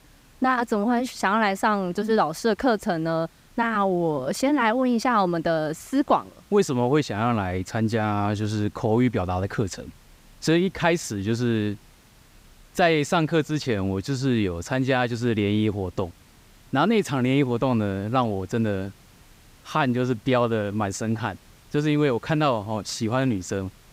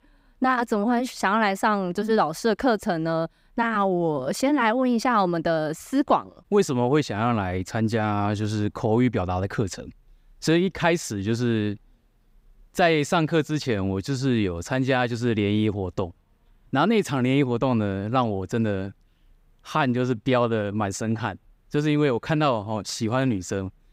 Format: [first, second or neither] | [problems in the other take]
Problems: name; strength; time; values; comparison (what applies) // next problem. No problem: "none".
second | hiss; faint; throughout; 30 dB below the speech